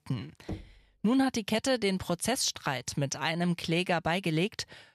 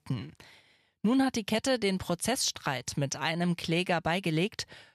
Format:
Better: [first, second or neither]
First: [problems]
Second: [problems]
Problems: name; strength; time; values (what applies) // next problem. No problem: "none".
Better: second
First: door banging; faint; at 0.5 s; peak 15 dB below the speech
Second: none